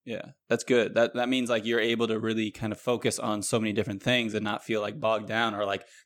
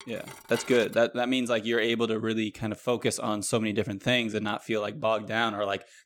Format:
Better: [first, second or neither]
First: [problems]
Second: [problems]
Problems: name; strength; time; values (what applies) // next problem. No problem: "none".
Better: first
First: none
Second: clattering dishes; faint; at the start; peak 10 dB below the speech